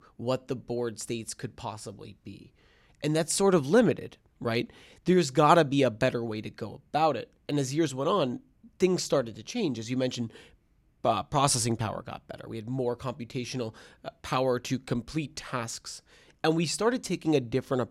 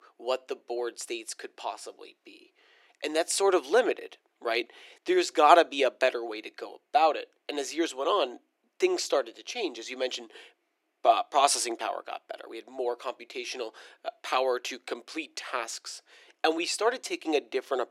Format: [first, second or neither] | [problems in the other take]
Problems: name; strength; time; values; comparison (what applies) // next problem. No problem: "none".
first | thin; very; fading below 350 Hz